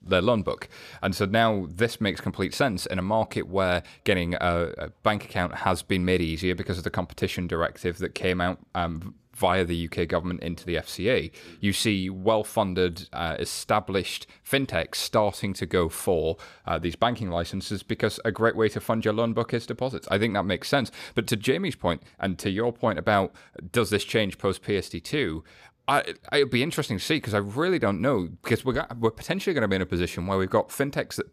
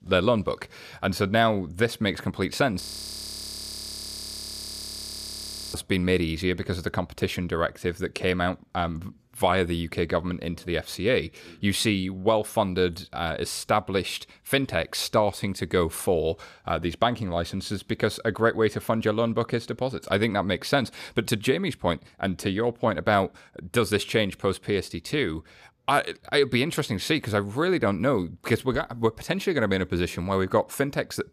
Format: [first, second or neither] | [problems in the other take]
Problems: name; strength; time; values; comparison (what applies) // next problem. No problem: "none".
first | audio freezing; at 3 s for 3 s